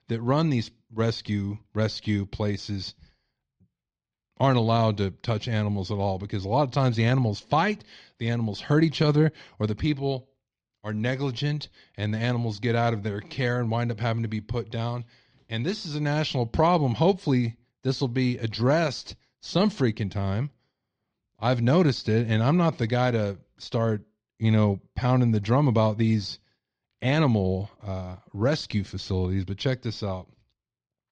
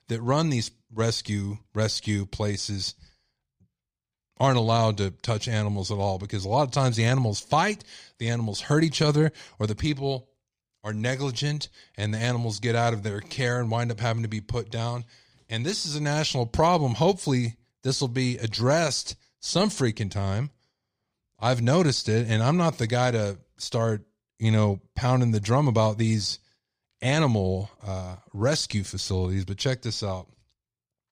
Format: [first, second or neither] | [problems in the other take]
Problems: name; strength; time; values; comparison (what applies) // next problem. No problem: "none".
second | muffled; very slightly; fading above 4 kHz